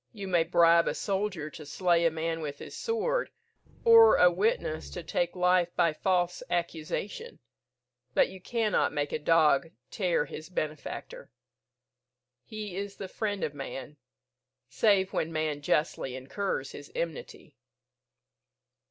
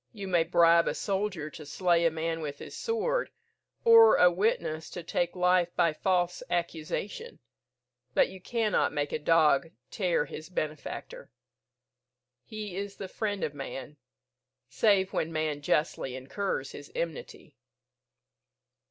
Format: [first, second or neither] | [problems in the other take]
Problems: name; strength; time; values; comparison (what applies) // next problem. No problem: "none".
second | background sound (Growling); 19 dB below the speech